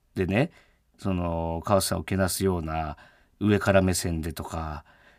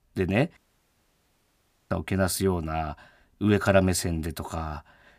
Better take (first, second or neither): first